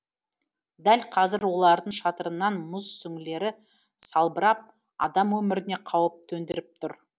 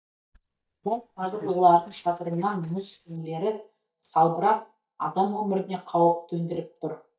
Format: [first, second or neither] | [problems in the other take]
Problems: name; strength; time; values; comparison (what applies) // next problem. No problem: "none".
first | noise reduction (neural mask model DeepFilterNet 3)